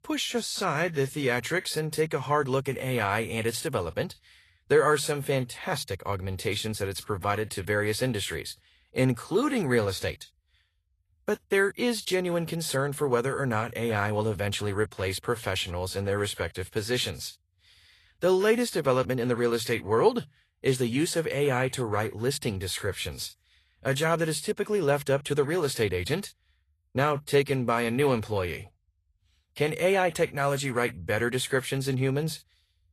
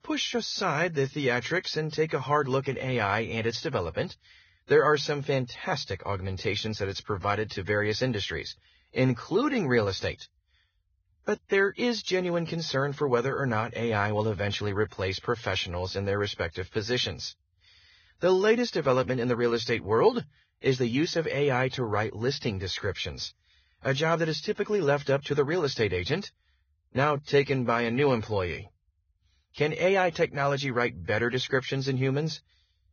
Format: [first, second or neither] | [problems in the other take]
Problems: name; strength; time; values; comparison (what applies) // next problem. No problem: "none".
first | garbled, watery; badly; nothing above 6.5 kHz; slightly in the first